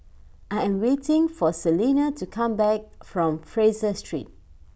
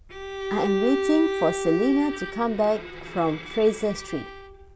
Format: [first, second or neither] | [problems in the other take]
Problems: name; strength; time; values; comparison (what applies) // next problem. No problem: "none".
first | background sound (Bowed string instrument); 6 dB below the speech